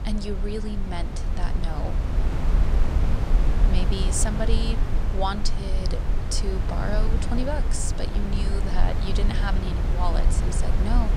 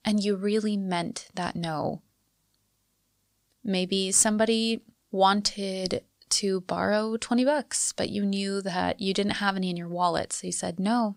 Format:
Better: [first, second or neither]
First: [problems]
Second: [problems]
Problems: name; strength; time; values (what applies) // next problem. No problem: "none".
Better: second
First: wind noise on the microphone; heavy; 4 dB below the speech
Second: none